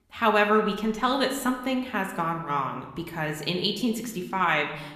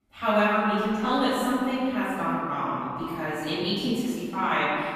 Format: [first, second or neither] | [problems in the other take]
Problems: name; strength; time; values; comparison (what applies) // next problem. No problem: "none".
first | room echo; strong; dies away in 2.4 s; slight in the first // off-mic speech; far